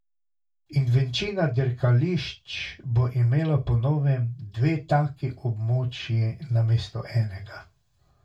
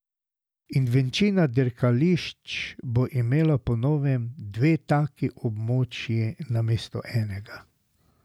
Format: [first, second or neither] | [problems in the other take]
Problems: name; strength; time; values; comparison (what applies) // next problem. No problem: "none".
second | room echo; dies away in 0.2 s